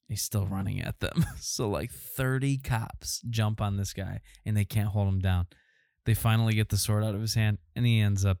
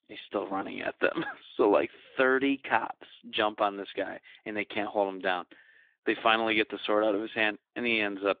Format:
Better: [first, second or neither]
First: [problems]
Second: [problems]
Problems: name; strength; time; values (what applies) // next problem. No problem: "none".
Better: first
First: none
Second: phone-call audio